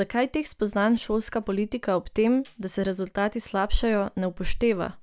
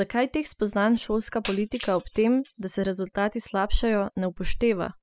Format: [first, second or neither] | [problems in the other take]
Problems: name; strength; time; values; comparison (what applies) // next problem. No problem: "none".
first | noise reduction (classical method spectral subtraction)